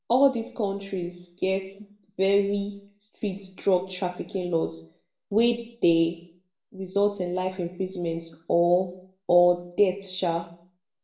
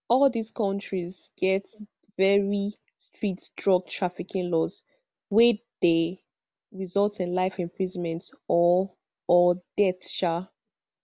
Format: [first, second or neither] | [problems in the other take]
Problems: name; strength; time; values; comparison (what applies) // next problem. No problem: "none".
second | room echo; dies away in 0.5 s